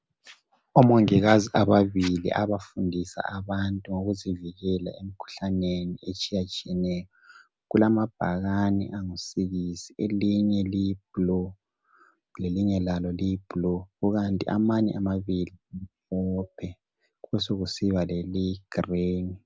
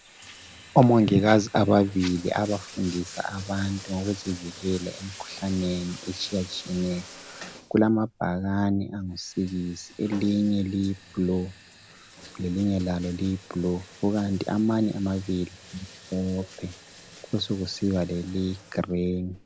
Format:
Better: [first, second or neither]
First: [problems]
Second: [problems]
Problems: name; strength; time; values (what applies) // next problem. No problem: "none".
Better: first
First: none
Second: background sound (Bathtub (filling or washing)); 19 dB below the speech